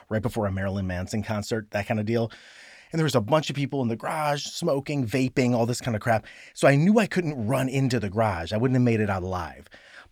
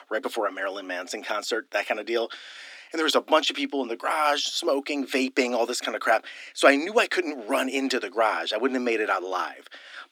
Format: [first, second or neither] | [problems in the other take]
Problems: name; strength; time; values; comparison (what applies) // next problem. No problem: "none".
first | thin; somewhat; fading below 250 Hz